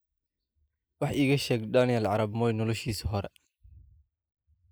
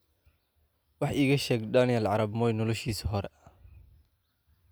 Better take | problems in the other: second | noise reduction (neural mask model Resemble Enhance denoiser)

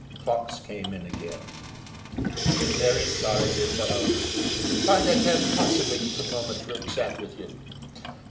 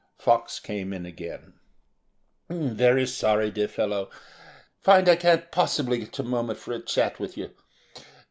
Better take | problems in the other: second | background sound (Sink (filling or washing) / Water tap, faucet); 2 dB above the speech // room echo; dies away in 1.7 s

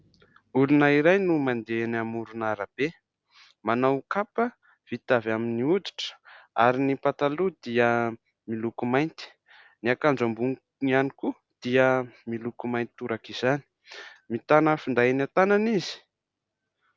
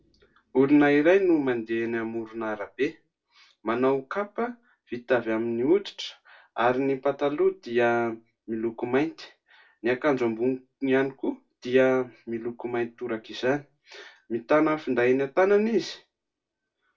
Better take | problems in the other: first | room echo; dies away in 0.2 s

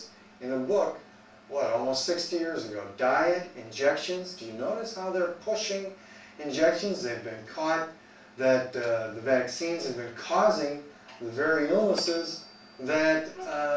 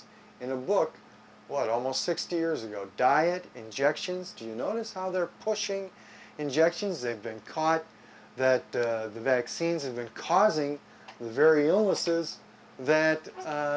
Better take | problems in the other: second | background sound (Marimba, xylophone); 12 dB below the speech // room echo; dies away in 0.3 s

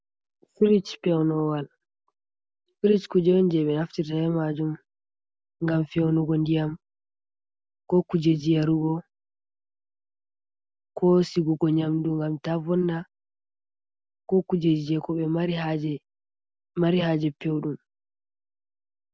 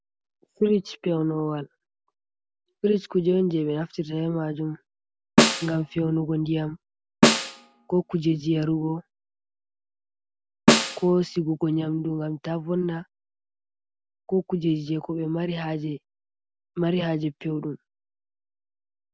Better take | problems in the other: first | background sound (Snare drum); 3 dB above the speech

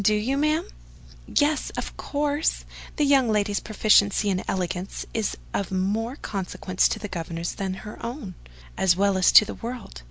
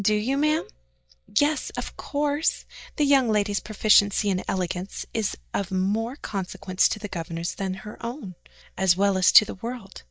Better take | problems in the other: first | noise reduction (neural mask model DeepFilterNet 3)

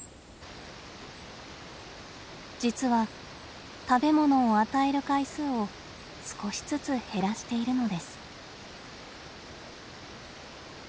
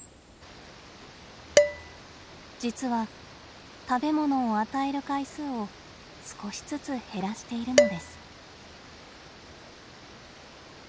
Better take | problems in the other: first | background sound (Dishes, pots, and pans); 3 dB above the speech

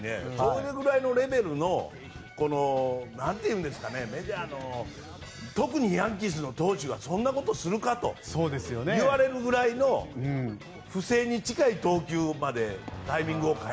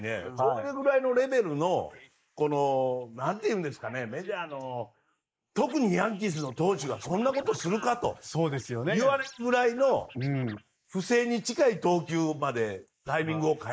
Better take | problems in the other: first | noise reduction (neural mask model Resemble Enhance denoiser)

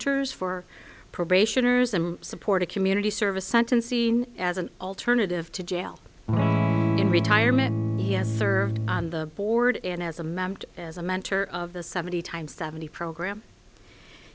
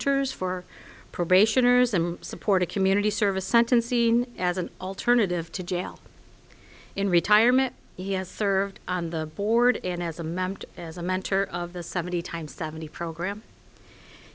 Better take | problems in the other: second | background sound (Electric guitar / Strum); 1 dB above the speech

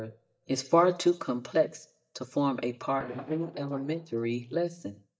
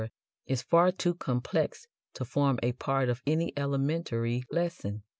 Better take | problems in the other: second | noise reduction (neural mask model DeepFilterNet 3)

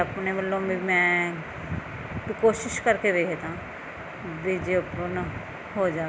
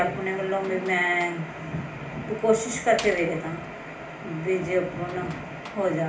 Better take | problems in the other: first | background sound (Slam); 20 dB below the speech // room echo; dies away in 0.4 s

